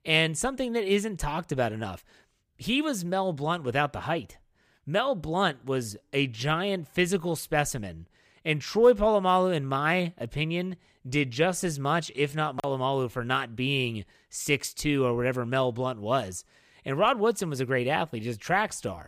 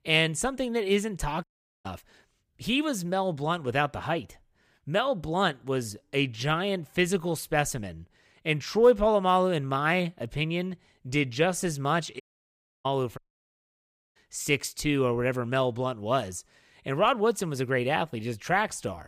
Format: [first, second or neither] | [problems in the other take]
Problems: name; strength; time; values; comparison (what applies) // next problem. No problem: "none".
first | audio cutting out; at 1.5 s, at 12 s for 0.5 s and at 13 s for 1 s